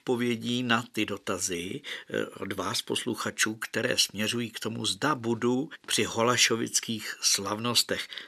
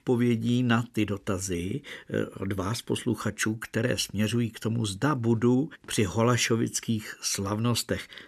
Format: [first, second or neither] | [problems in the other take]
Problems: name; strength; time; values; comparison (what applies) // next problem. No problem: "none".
second | thin; somewhat; fading below 1 kHz